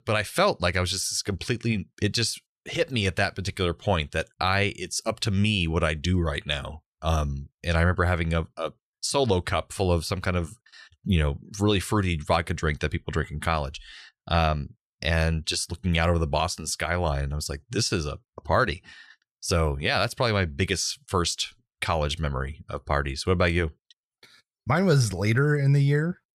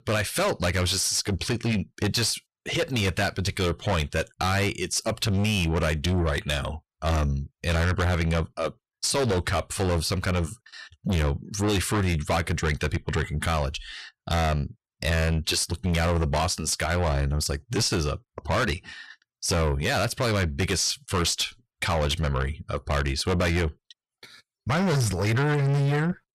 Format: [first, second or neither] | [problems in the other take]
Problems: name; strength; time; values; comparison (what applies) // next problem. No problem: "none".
first | distortion; heavy; 6 dB below the speech